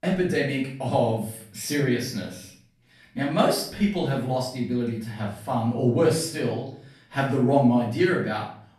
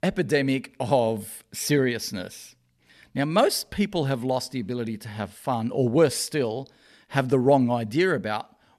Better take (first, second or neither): second